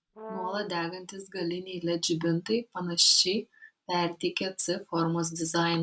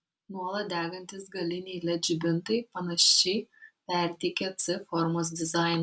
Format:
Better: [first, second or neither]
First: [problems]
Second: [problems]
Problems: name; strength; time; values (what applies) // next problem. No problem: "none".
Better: second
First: background sound (Brass instrument); 15 dB below the speech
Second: none